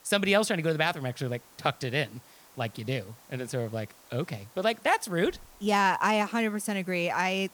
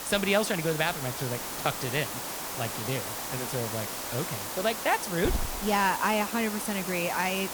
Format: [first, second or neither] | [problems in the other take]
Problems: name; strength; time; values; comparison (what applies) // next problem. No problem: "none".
first | hiss; loud; throughout; 4 dB below the speech; faint in the first